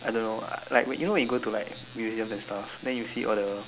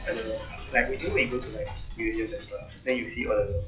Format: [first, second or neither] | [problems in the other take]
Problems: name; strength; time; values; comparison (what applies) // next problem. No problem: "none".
first | noise reduction (classical method WPE with log-MMSE)